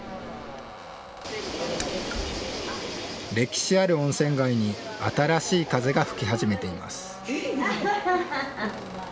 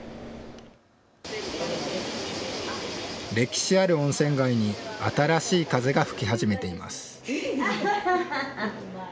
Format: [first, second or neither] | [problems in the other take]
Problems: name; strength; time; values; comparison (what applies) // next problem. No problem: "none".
second | background sound (Squeak + Raindrop / Splash, splatter); 14 dB below the speech